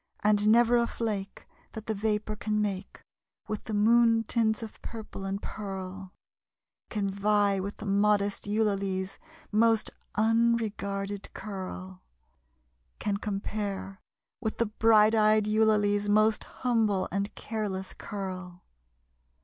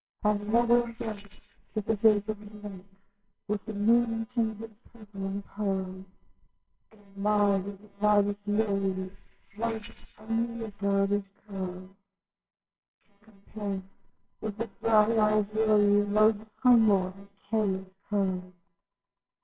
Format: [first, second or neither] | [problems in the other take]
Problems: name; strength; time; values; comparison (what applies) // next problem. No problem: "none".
first | noise reduction (neural separator model SepFormer WHAMR!)